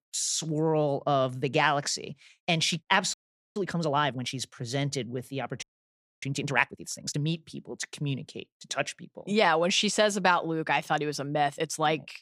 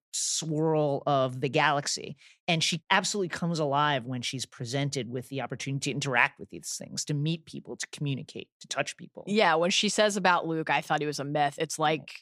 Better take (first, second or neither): second